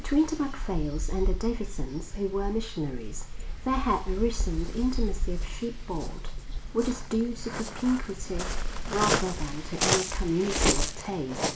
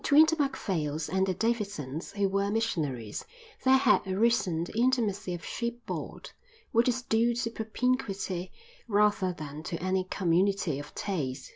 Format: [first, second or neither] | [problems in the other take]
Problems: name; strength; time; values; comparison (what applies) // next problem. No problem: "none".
second | background sound (Waves, surf); 1 dB above the speech // room echo; dies away in 0.4 s